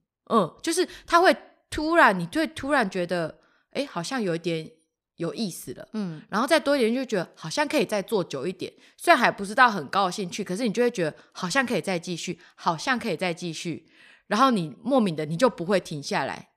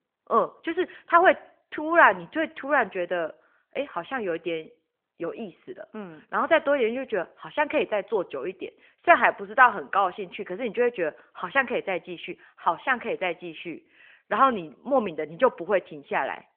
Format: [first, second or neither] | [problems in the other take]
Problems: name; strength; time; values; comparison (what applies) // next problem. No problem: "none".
first | phone-call audio; nothing above 3.5 kHz